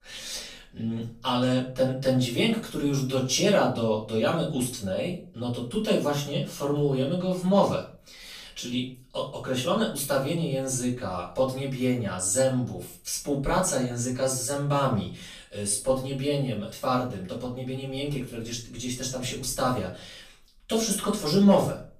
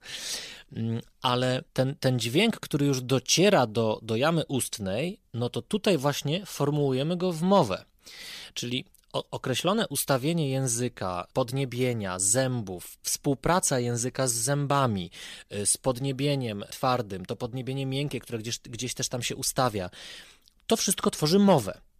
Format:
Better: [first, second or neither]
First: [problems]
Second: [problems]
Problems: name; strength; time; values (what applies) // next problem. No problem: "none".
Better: second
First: room echo; slight; dies away in 0.3 s // off-mic speech; far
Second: none